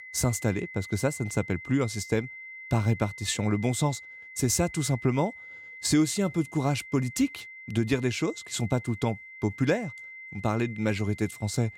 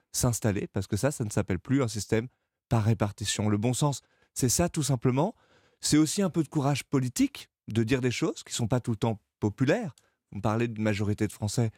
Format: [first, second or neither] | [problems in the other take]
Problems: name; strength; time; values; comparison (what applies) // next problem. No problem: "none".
second | high-pitched whine; noticeable; throughout; 2 kHz, 15 dB below the speech